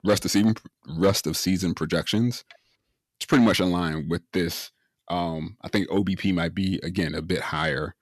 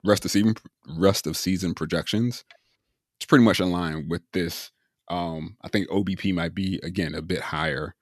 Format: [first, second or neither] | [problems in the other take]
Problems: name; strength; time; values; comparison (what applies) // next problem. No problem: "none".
second | distortion; slight; 10 dB below the speech